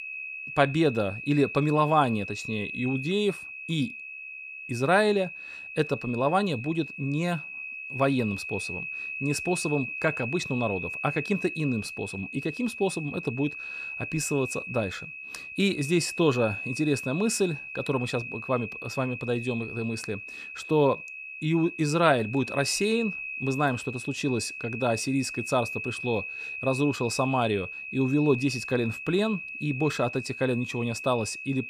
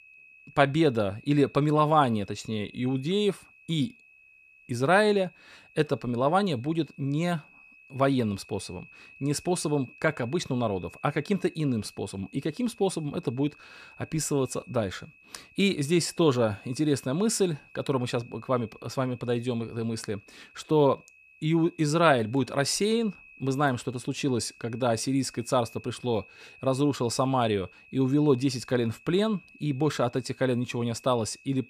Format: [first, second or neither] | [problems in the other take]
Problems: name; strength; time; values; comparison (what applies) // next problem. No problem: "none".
second | high-pitched whine; loud; throughout; 2.5 kHz, 7 dB below the speech; faint in the second